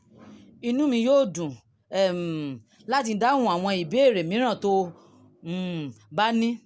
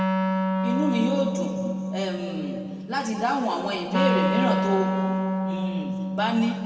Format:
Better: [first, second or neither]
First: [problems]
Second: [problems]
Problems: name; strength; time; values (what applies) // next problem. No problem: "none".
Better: first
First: none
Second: background sound (Wind instrument, woodwind instrument); 1 dB above the speech // room echo; dies away in 2.1 s